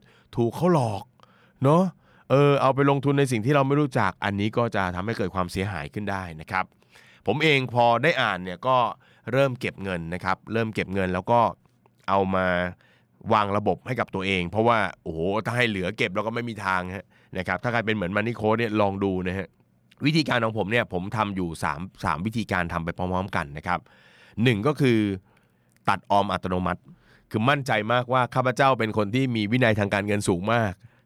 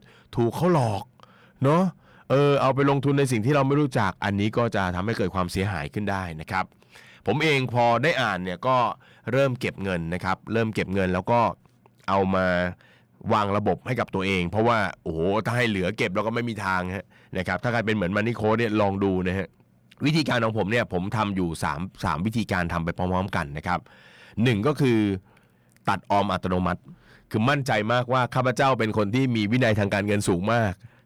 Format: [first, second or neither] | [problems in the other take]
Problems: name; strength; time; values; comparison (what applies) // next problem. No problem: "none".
first | distortion; slight; 10 dB below the speech